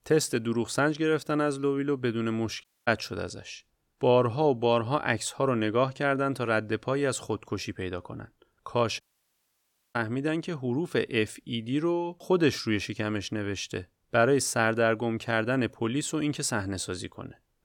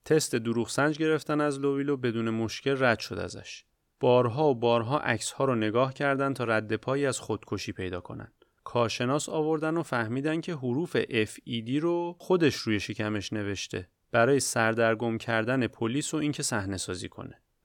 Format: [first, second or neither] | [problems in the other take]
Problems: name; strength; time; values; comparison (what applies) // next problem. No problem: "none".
second | audio cutting out; at 2.5 s and at 9 s for 1 s